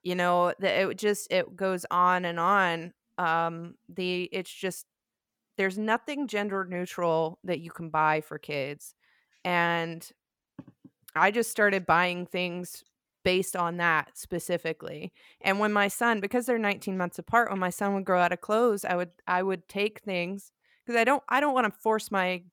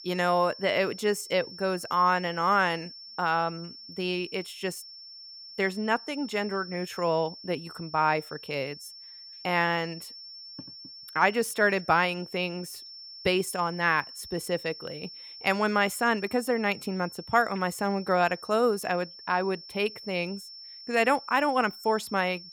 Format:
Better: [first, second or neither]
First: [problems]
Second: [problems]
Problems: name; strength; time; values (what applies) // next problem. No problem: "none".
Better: first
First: none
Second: high-pitched whine; noticeable; throughout; 5.5 kHz, 15 dB below the speech